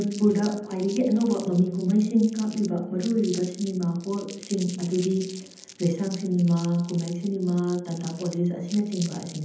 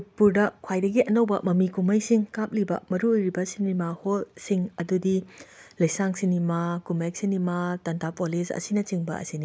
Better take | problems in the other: second | background sound (Crumpling, crinkling); 19 dB below the speech // room echo; dies away in 0.8 s

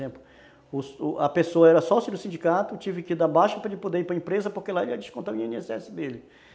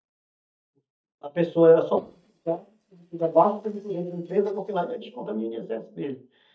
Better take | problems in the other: first | noise reduction (neural mask model DeepFilterNet 3)

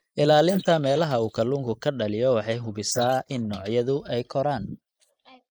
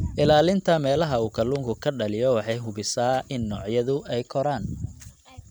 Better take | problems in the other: second | noise reduction (neural mask model Resemble Enhance denoiser)

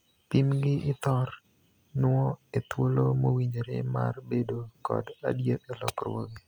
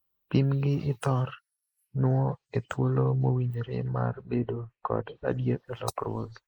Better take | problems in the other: first | noise reduction (neural mask model Resemble Enhance denoiser)

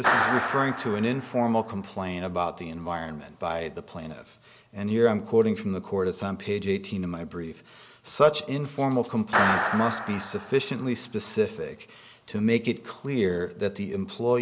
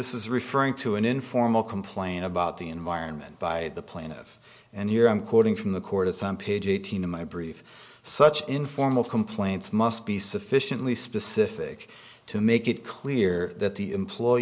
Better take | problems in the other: second | background sound (Clapping); 3 dB below the speech

